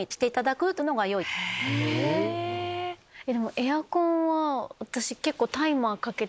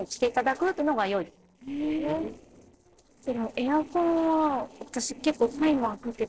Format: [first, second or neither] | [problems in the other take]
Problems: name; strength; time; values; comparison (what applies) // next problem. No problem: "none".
first | noise reduction (neural separator model SepFormer DNS4)